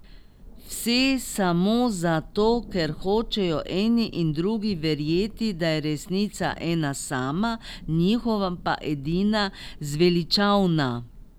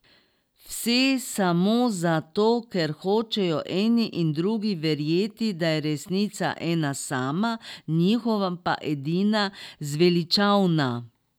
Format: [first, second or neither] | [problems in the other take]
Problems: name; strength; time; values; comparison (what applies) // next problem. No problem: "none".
second | background sound (Thunder / Rain); 16 dB below the speech